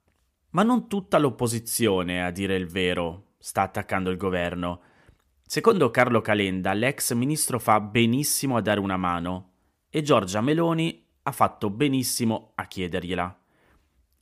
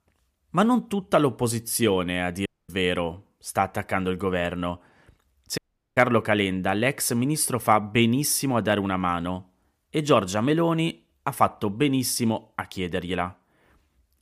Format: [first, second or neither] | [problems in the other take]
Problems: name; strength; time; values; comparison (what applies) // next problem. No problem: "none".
first | audio cutting out; at 2.5 s and at 5.5 s